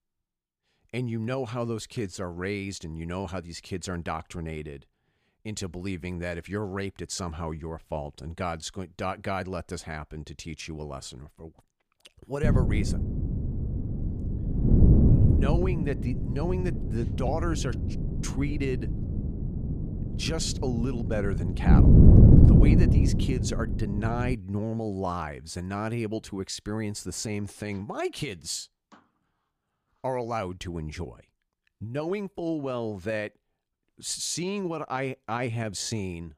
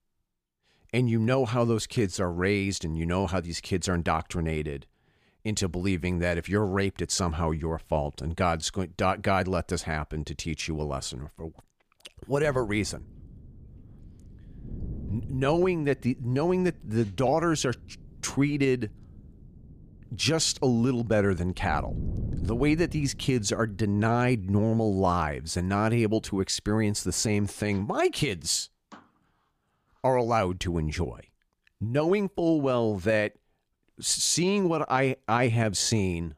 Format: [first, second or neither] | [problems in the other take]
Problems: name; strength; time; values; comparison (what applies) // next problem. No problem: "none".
second | wind noise on the microphone; heavy; from 12 to 24 s; as loud as the speech; occasional gusts in the second